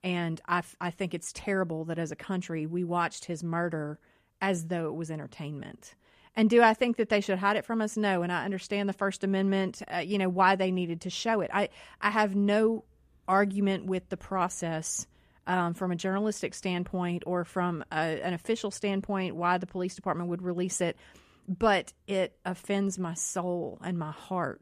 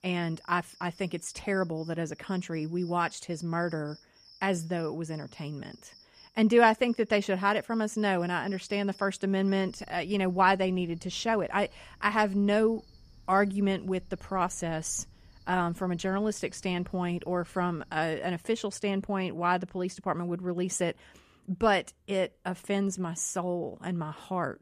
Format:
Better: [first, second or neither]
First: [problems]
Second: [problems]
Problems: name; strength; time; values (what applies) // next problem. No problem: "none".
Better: first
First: none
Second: animal sounds; faint; until 18 s; 25 dB below the speech